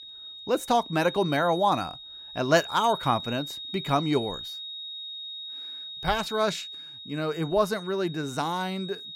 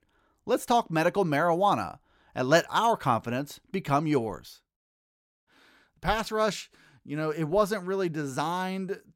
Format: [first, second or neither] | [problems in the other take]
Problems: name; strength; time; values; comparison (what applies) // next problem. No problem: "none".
second | high-pitched whine; noticeable; throughout; 3.5 kHz, 10 dB below the speech